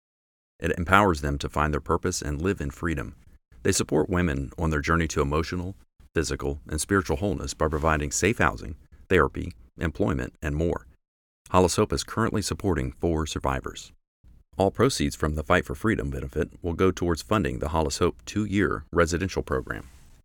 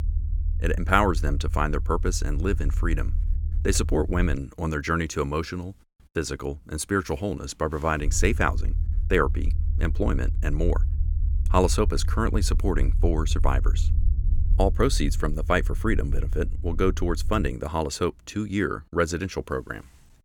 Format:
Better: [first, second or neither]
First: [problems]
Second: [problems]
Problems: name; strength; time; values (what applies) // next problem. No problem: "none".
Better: first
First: none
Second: low rumble; noticeable; until 4.5 s and from 8 to 17 s; 20 dB below the speech